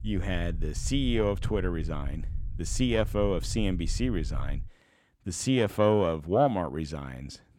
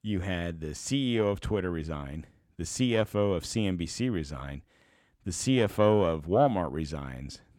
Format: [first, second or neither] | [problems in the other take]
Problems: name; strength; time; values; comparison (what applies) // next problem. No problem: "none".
second | low rumble; faint; until 4.5 s; 25 dB below the speech